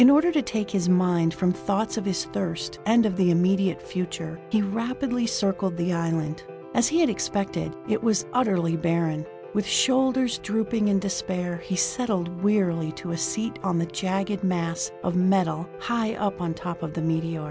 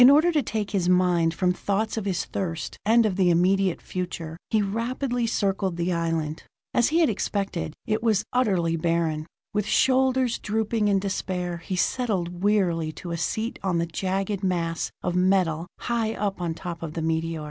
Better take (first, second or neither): second